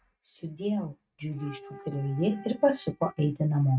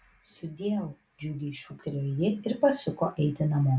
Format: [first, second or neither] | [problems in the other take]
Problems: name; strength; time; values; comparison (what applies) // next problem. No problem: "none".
second | noise reduction (neural mask model RNNoise)